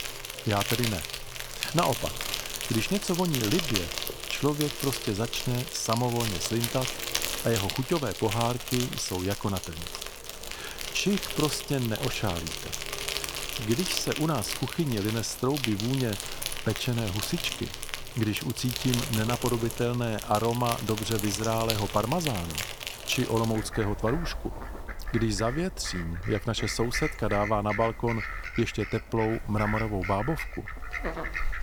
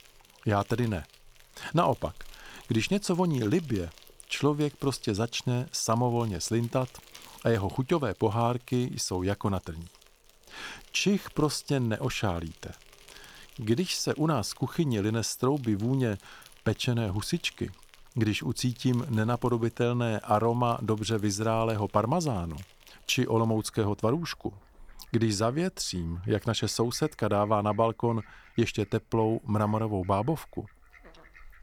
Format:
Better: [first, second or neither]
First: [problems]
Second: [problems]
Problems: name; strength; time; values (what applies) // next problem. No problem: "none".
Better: second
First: animal sounds; loud; throughout; 4 dB below the speech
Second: animal sounds; faint; throughout; 25 dB below the speech